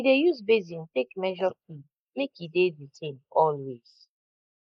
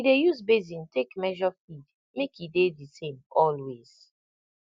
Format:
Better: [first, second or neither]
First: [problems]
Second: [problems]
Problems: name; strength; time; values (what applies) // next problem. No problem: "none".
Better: second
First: noise reduction (neural mask model Resemble Enhance denoiser)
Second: none